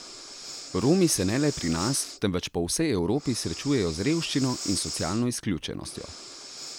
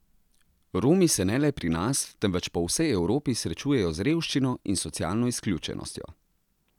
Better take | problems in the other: second | background sound (Breathing); 12 dB below the speech

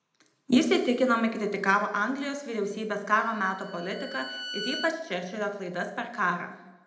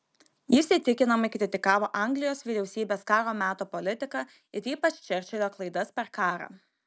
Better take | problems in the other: second | background sound (Bowed string instrument); 12 dB below the speech // room echo; dies away in 0.8 s

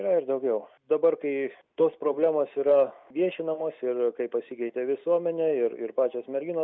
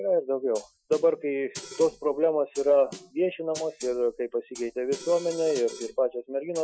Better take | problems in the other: first | noise reduction (classical method Wiener filter)

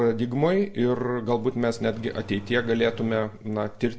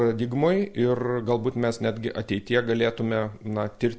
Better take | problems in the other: second | background sound (Engine starting); 19 dB below the speech // room echo; dies away in 0.2 s

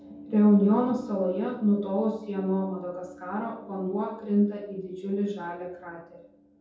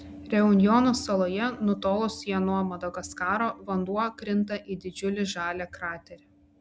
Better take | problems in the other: second | room echo; dies away in 0.7 s

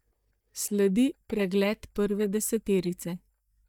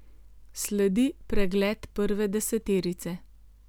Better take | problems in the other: second | noise reduction (neural mask model DeepFilterNet 3)

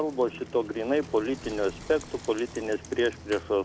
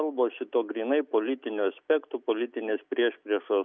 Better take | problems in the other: second | background sound (Bicycle); 15 dB below the speech

